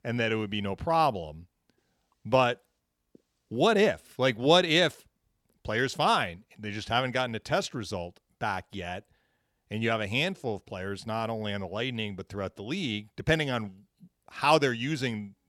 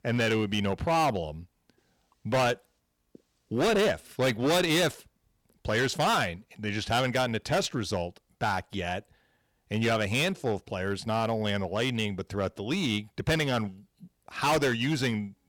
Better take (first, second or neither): first